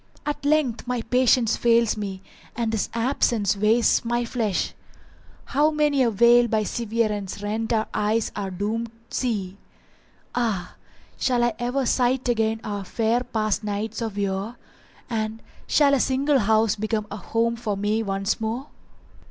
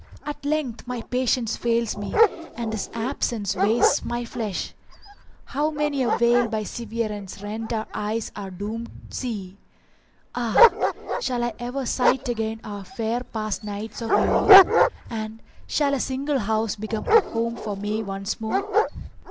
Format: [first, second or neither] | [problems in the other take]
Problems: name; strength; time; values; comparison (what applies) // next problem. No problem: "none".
first | background sound (Dog); as loud as the speech